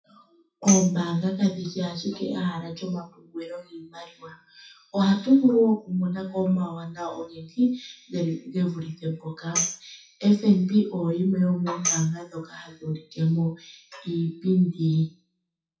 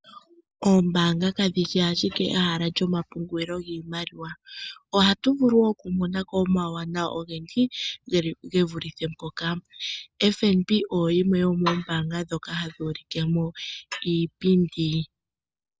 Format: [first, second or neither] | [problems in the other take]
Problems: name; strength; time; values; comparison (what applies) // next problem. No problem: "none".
second | noise reduction (classical method WPE with log-MMSE)